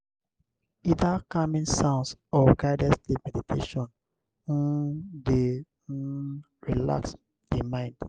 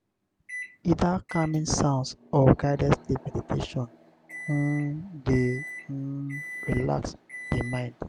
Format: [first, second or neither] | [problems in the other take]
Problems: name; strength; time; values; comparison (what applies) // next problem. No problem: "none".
first | background sound (Microwave oven); 15 dB below the speech